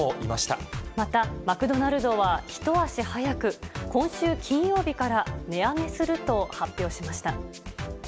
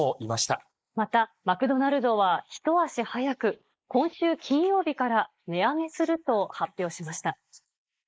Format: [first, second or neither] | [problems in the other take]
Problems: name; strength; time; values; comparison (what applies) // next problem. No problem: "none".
first | noise reduction (neural mask model Resemble Enhance denoiser)